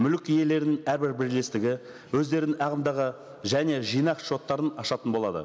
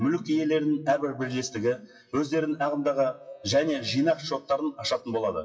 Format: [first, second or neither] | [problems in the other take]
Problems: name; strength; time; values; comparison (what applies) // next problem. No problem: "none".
first | noise reduction (classical method WPE with log-MMSE)